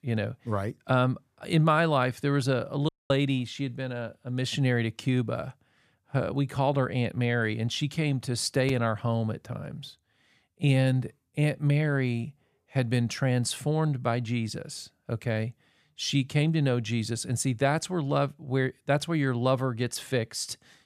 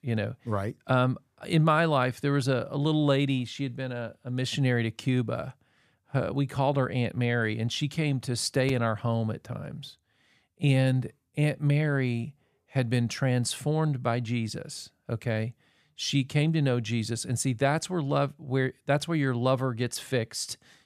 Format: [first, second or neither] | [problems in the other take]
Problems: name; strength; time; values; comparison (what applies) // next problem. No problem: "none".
second | audio cutting out; at 3 s